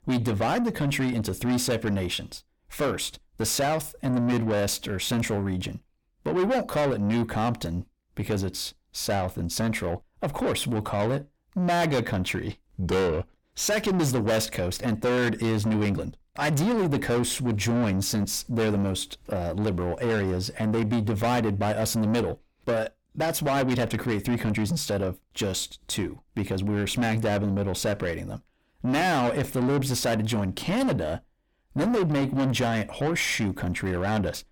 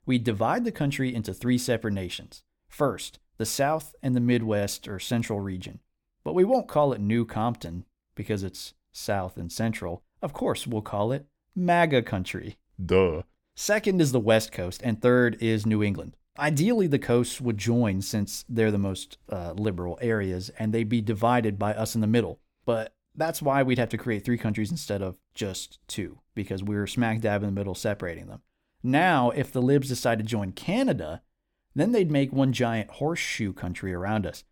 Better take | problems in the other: second | distortion; heavy; 6 dB below the speech

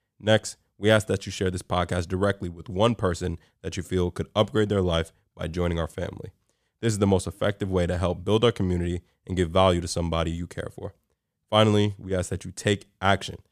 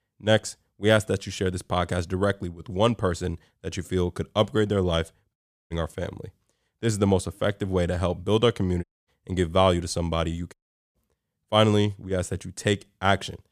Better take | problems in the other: first | audio cutting out; at 5.5 s, at 9 s and at 11 s

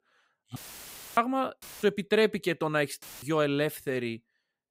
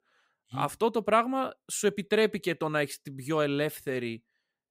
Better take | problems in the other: second | audio cutting out; filled with static; at 0.5 s for 0.5 s, at 1.5 s and at 3 s

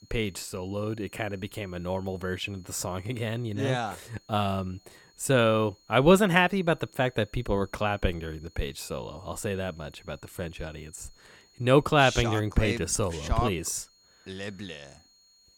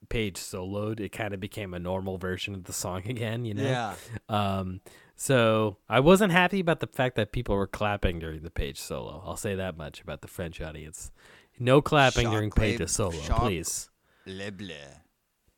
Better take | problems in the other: second | high-pitched whine; faint; throughout; 4.5 kHz, 30 dB below the speech

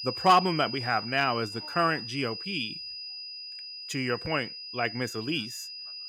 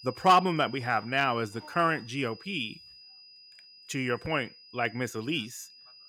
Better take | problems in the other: second | high-pitched whine; loud; throughout; 5 kHz, 8 dB below the speech; faint in the second

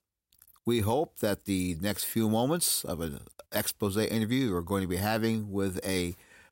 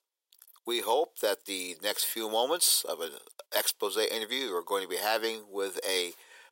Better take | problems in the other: first | thin; very; fading below 450 Hz

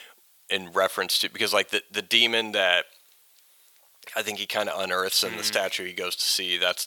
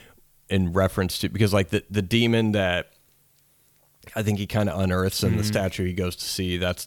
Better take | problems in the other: second | thin; very; fading below 650 Hz

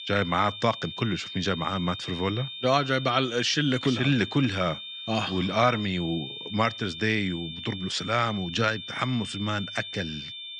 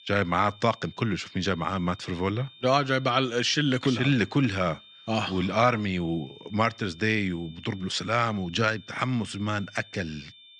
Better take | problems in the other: second | high-pitched whine; loud; throughout; 3.5 kHz, 9 dB below the speech; faint in the second

